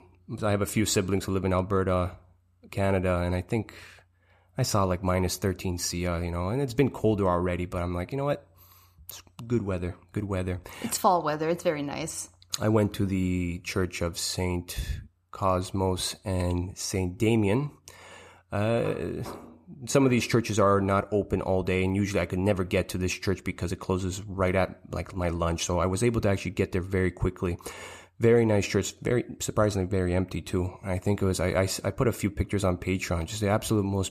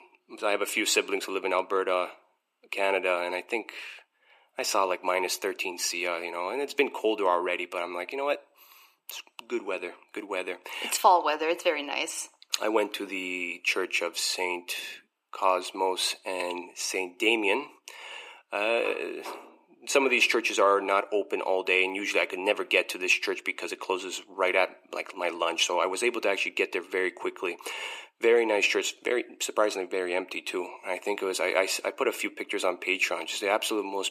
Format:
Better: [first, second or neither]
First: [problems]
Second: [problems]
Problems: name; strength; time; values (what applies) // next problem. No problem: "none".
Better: first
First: none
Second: thin; very; fading below 350 Hz